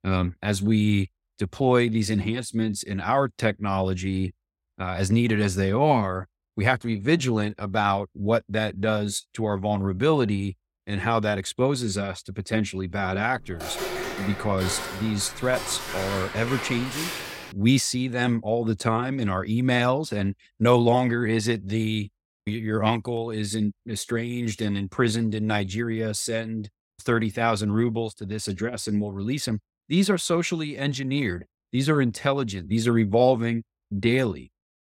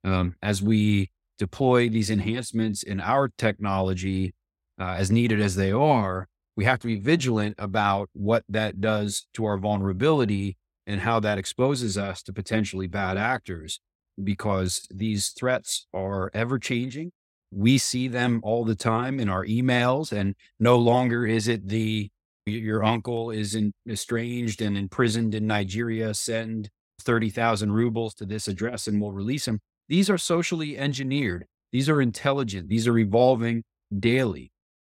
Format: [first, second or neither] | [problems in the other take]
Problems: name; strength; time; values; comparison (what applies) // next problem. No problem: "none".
second | footsteps; noticeable; from 13 to 18 s; peak 5 dB below the speech